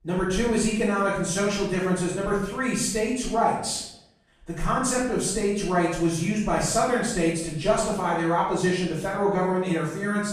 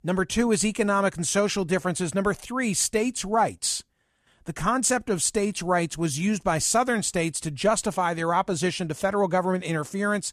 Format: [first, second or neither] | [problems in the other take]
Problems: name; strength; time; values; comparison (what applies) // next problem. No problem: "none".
second | off-mic speech; far // room echo; noticeable; dies away in 0.7 s